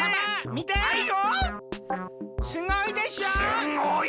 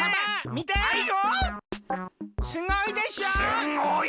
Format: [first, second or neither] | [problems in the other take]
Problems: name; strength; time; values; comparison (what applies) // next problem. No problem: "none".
second | background sound (Wind instrument, woodwind instrument); 16 dB below the speech